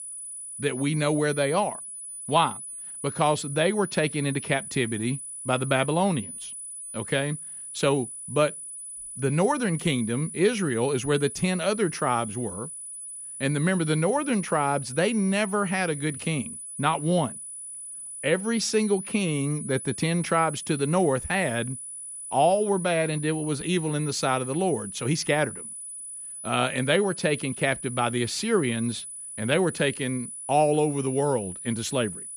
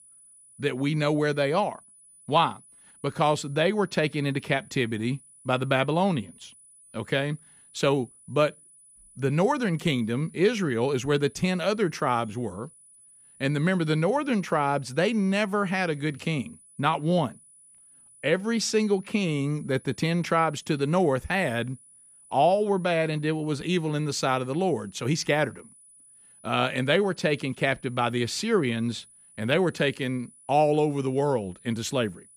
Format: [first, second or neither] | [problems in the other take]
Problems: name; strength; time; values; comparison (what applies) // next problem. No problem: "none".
second | high-pitched whine; loud; throughout; 10 kHz, 9 dB below the speech; faint in the second